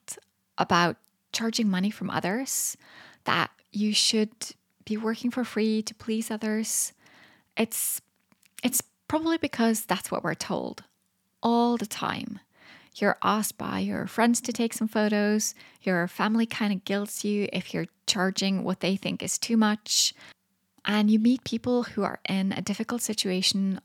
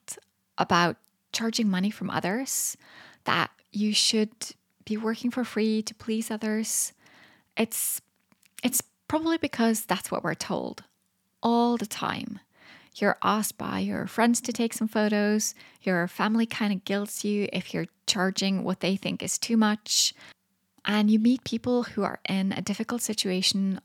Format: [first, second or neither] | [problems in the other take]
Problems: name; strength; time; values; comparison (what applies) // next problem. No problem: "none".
neither | none